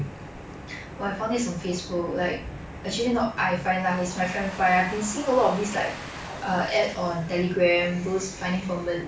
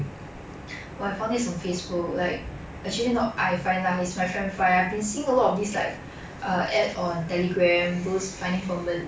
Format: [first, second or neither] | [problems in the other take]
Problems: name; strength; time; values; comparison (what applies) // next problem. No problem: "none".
second | background sound (Domestic sounds, home sounds); 19 dB below the speech